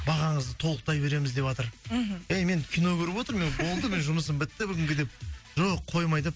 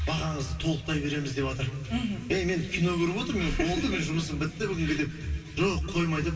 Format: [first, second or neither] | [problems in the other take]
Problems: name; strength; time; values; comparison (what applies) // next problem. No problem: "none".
first | room echo; dies away in 3 s